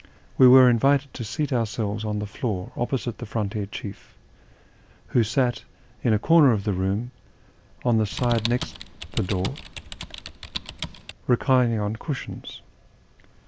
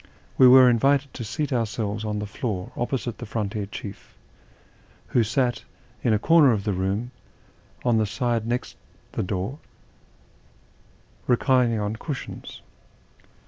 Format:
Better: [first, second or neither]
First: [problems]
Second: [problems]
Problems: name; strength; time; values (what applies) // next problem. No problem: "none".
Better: second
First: background sound (Typing); 10 dB below the speech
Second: none